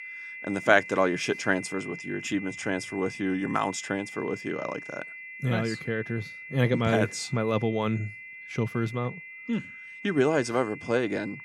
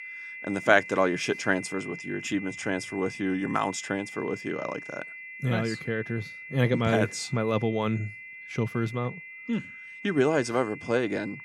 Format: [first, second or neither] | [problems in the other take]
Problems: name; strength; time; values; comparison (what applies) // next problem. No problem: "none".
neither | high-pitched whine; noticeable; throughout; 2 kHz, 10 dB below the speech; the same in both